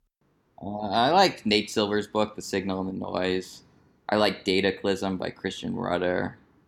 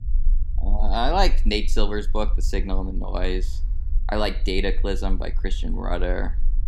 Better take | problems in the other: first | low rumble; faint; throughout; 25 dB below the speech

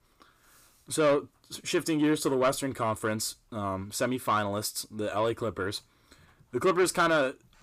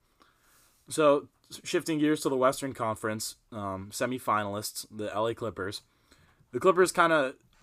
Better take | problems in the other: second | distortion; slight; 10 dB below the speech

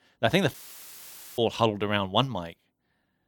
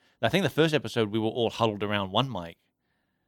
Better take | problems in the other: second | audio cutting out; filled with static; at 0.5 s for 1 s

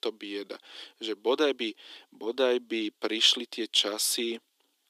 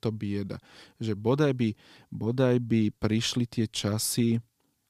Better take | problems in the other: second | thin; very; fading below 300 Hz

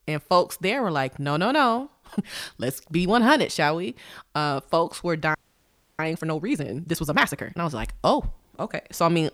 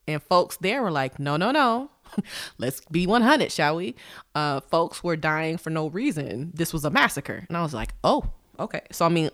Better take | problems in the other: second | audio freezing; at 5.5 s for 0.5 s

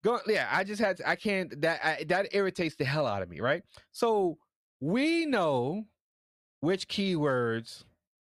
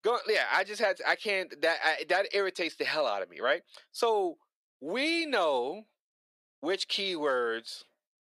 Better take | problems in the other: first | thin; somewhat; fading below 400 Hz

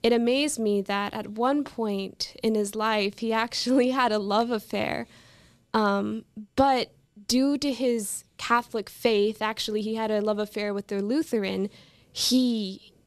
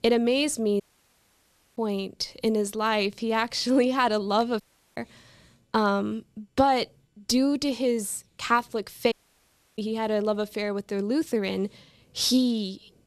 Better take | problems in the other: first | audio cutting out; at 1 s for 1 s, at 4.5 s and at 9 s for 0.5 s

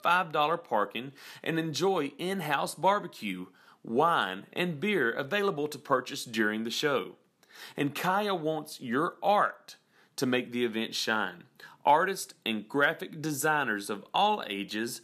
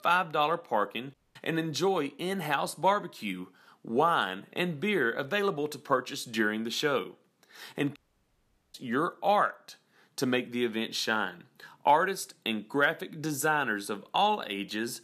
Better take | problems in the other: first | audio cutting out; at 1 s and at 8 s for 1 s

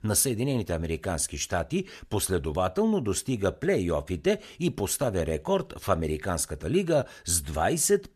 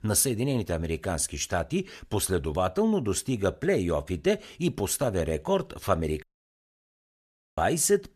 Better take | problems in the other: first | audio cutting out; at 6 s for 1.5 s

